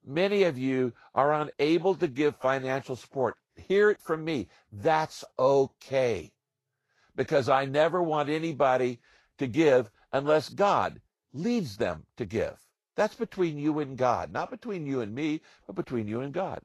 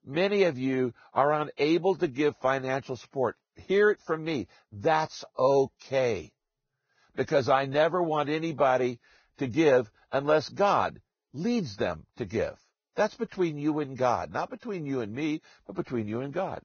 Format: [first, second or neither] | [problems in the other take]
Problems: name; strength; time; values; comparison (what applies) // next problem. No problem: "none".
first | garbled, watery; badly; nothing above 6.5 kHz; slightly in the first